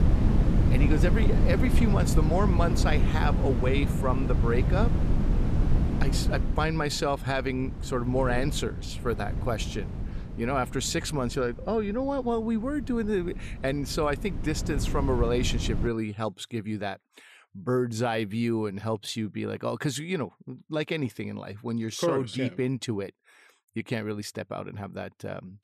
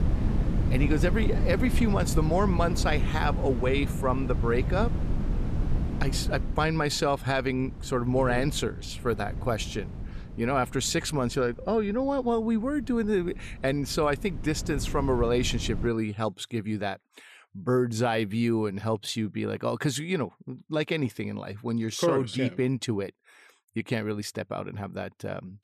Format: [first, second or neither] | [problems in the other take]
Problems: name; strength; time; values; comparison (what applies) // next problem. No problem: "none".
second | wind noise on the microphone; heavy; until 16 s; 7 dB below the speech; occasional gusts in the second